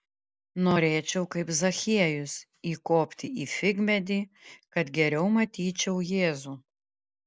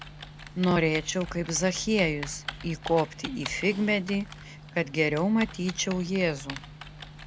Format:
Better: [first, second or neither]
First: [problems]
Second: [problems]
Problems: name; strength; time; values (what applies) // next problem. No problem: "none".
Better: first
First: none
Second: background sound (Typing); 13 dB below the speech